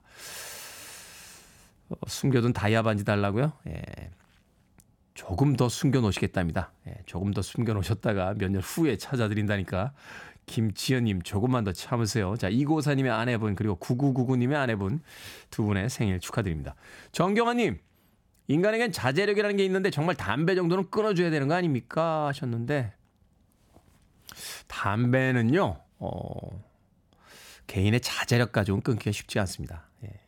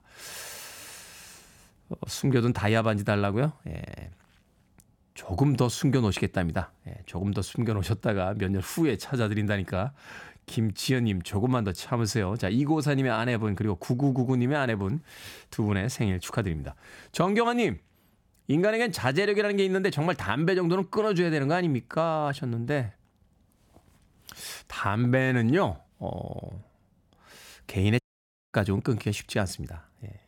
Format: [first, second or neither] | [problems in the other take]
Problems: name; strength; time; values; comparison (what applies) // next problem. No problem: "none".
first | audio cutting out; at 28 s for 0.5 s